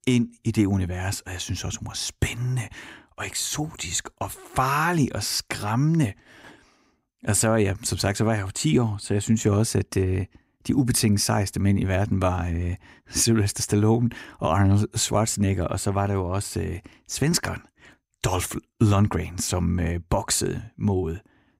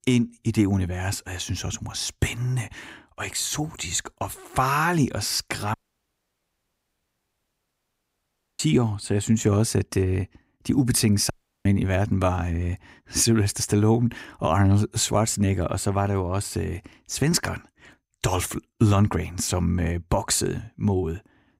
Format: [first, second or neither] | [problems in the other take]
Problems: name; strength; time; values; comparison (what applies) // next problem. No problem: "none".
first | audio cutting out; at 5.5 s for 3 s and at 11 s